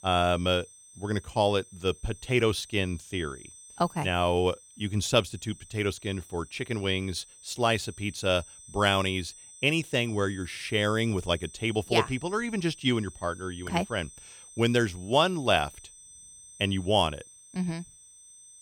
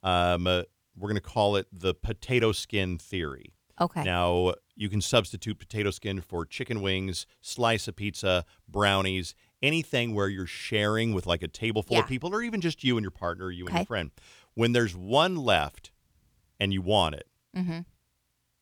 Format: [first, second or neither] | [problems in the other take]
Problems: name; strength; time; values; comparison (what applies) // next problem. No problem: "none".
second | high-pitched whine; noticeable; throughout; 8 kHz, 20 dB below the speech